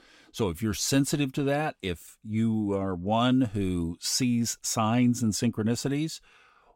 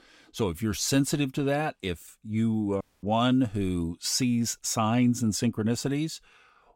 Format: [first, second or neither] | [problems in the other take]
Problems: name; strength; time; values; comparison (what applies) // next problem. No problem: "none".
first | audio cutting out; at 3 s